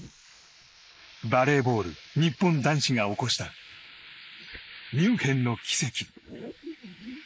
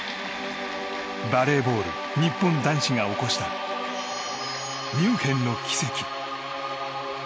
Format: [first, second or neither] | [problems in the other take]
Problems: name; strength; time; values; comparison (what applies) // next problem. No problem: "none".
second | noise reduction (neural mask model Resemble Enhance denoiser)